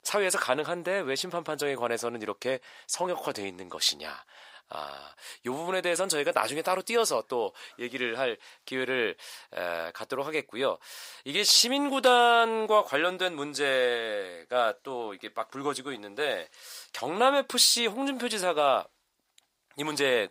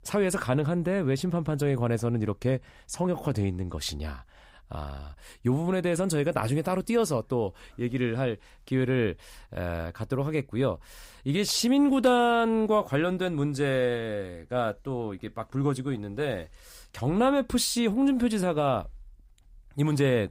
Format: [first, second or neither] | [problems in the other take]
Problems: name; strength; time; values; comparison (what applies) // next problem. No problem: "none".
second | thin; somewhat; fading below 600 Hz